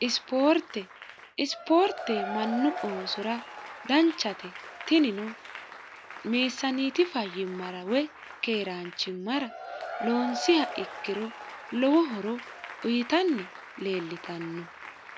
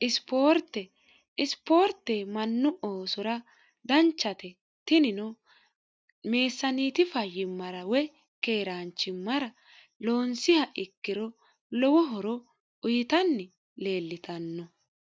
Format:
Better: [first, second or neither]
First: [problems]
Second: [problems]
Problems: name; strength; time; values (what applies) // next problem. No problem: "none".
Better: second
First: background sound (Applause / Crowd / Cheering); 11 dB below the speech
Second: none